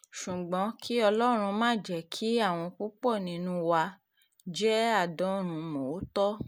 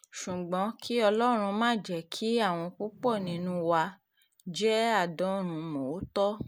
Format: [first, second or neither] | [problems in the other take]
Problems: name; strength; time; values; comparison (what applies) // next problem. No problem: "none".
first | background sound (Whoosh, swoosh, swish); 14 dB below the speech